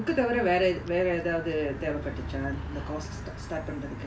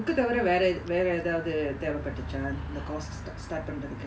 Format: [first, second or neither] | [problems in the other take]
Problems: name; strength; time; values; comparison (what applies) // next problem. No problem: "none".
second | background sound (Plucked string instrument); 17 dB below the speech